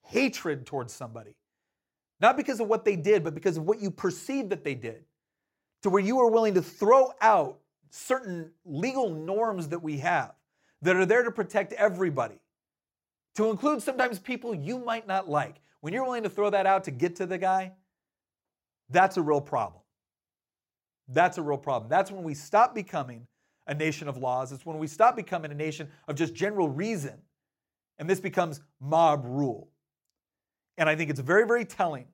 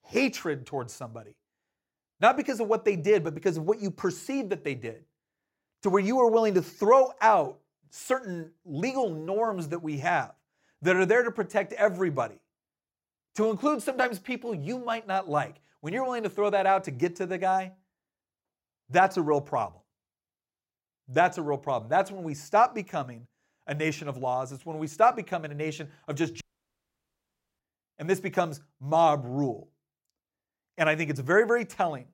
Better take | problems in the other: first | audio cutting out; at 26 s for 1 s

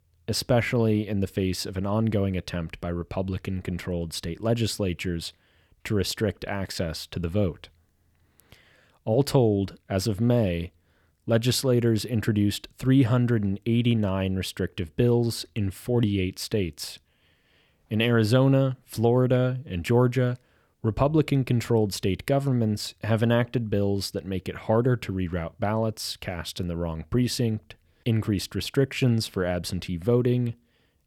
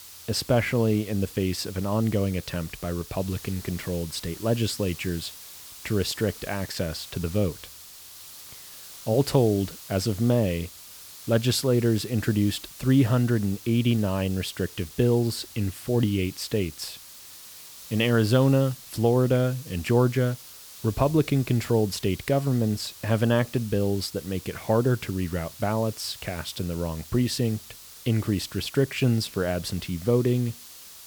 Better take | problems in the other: first | hiss; noticeable; throughout; 15 dB below the speech

